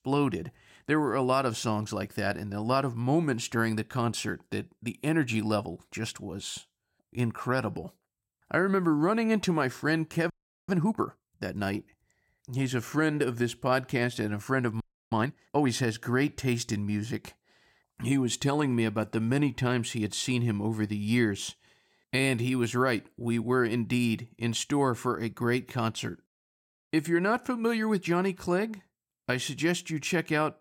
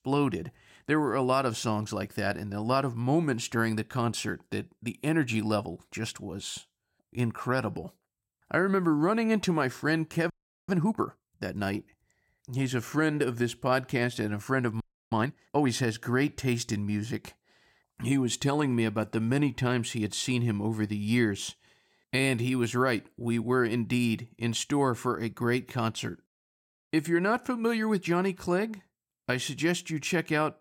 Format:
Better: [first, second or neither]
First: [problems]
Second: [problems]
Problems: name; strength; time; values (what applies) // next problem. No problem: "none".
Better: neither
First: audio freezing; at 10 s and at 15 s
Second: audio freezing; at 10 s and at 15 s